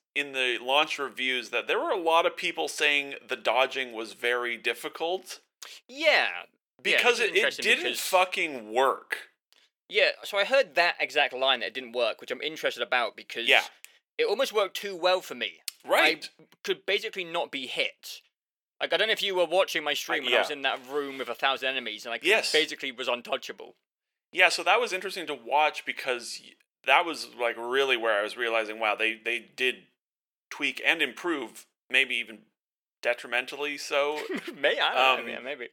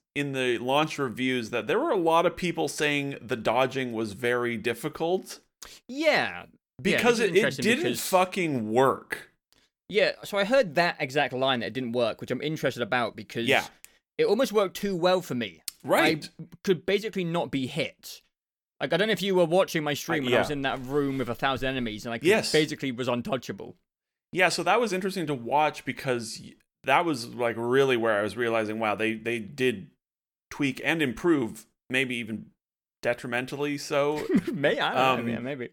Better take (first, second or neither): second